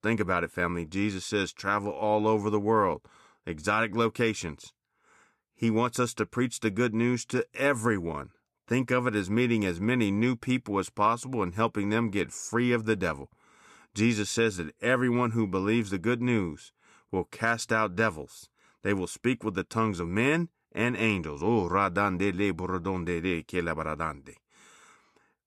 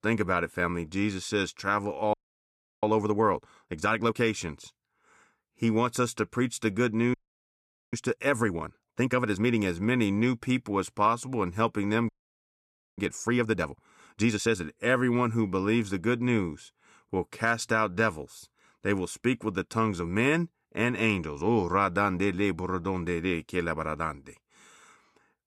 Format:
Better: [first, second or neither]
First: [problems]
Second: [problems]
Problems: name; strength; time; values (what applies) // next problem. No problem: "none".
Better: first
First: none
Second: audio freezing; at 2 s for 0.5 s, at 7 s for 1 s and at 12 s for 1 s